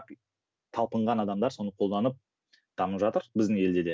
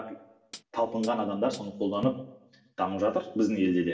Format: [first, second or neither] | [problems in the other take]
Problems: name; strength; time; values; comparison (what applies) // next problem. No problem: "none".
first | background sound (Hi-hat); 14 dB below the speech // room echo; dies away in 0.7 s